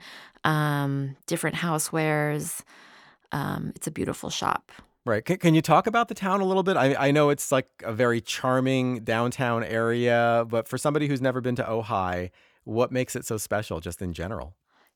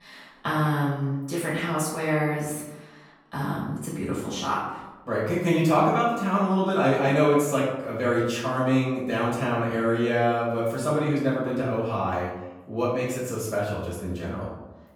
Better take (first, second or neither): first